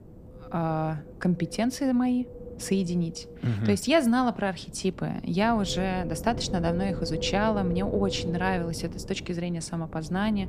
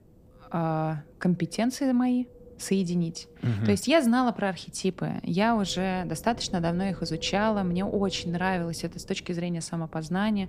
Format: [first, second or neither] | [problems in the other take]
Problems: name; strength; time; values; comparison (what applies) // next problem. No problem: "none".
second | wind noise on the microphone; heavy; 10 dB below the speech; occasional gusts in the second